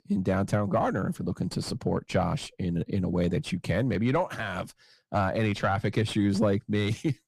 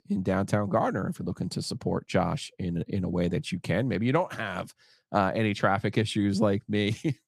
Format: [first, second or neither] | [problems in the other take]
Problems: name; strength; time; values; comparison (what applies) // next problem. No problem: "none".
second | distortion; slight; 10 dB below the speech